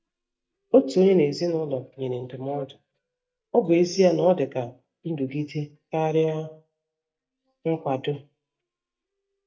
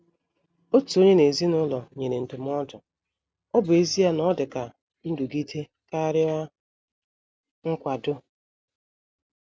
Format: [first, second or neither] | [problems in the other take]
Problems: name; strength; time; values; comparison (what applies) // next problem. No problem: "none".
second | noise reduction (neural mask model DeepFilterNet 3)